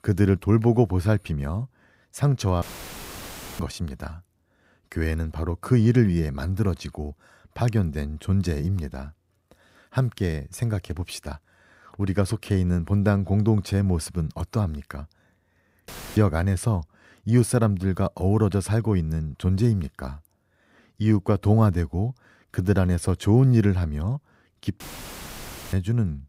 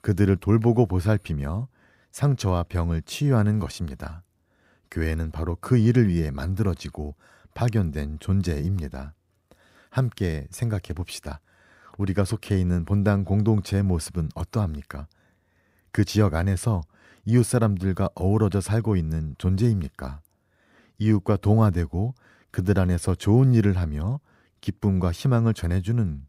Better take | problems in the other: second | audio cutting out; filled with static; at 2.5 s for 1 s, at 16 s and at 25 s for 1 s

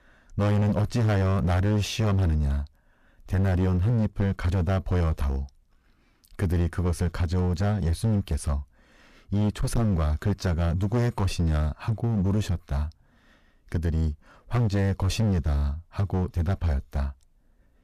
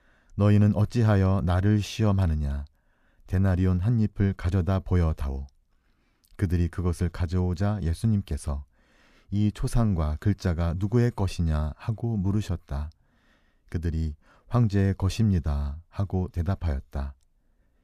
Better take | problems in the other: second | distortion; heavy; 19% of the sound clipped

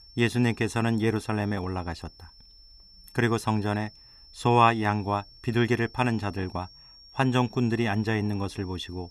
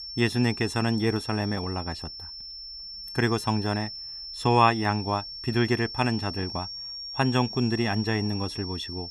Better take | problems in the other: first | high-pitched whine; loud; throughout; 5.5 kHz, 9 dB below the speech; faint in the first

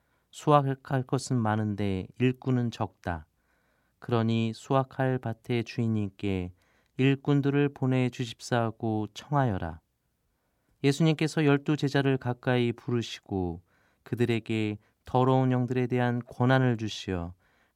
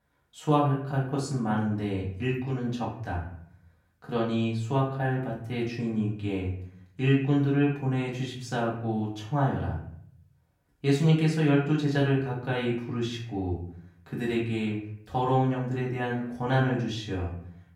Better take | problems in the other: first | off-mic speech; far // room echo; noticeable; dies away in 0.6 s

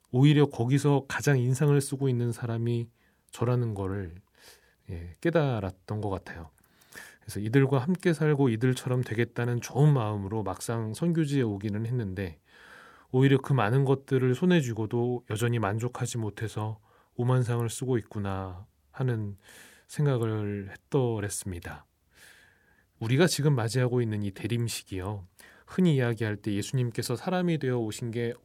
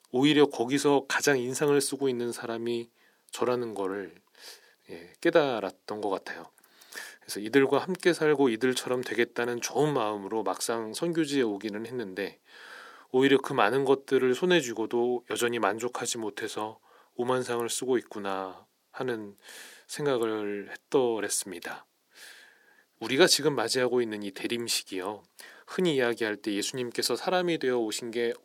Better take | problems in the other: first | thin; somewhat; fading below 300 Hz

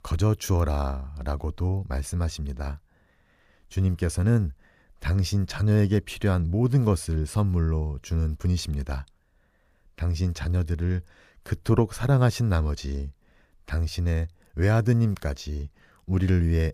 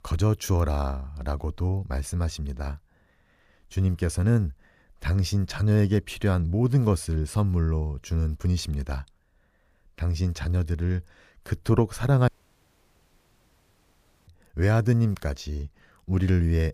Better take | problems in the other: first | audio cutting out; at 12 s for 2 s

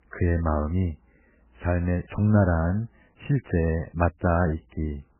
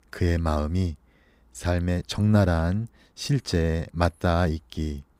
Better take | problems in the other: second | garbled, watery; badly; nothing above 3 kHz

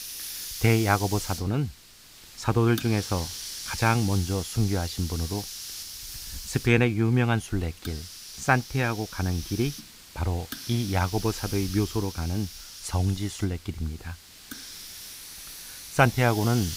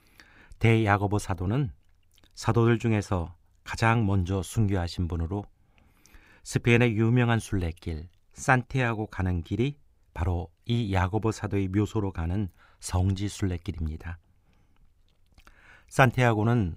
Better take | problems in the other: second | hiss; noticeable; throughout; 10 dB below the speech

